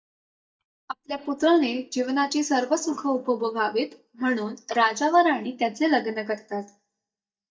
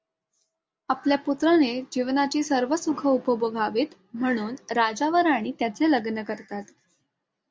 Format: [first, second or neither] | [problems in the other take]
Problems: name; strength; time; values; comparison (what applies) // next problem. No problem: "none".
second | noise reduction (neural mask model DeepFilterNet 3)